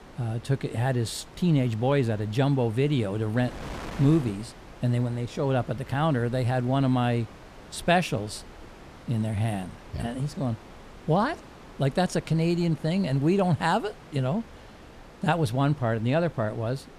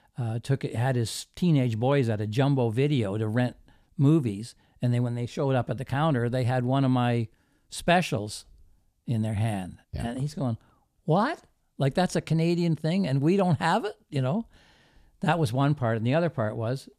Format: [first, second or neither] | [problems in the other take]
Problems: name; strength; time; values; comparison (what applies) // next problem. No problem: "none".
second | wind noise on the microphone; occasional gusts; 15 dB below the speech